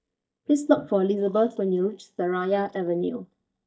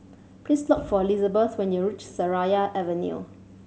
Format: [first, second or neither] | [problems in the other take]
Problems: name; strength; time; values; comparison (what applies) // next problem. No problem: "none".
second | noise reduction (neural mask model DeepFilterNet 3)